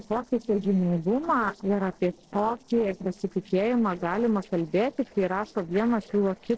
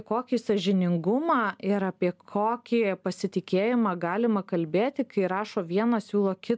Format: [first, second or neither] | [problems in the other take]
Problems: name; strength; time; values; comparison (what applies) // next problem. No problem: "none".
second | noise reduction (neural separator model SepFormer DNS4)